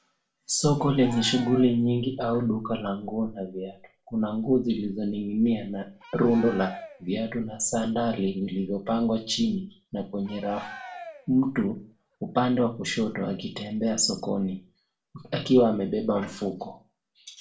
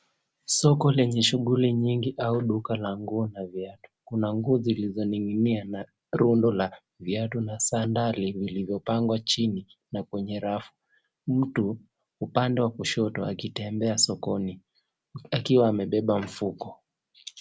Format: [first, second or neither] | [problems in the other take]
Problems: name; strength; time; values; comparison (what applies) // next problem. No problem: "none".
second | background sound (Cheering); 18 dB below the speech // room echo; dies away in 0.3 s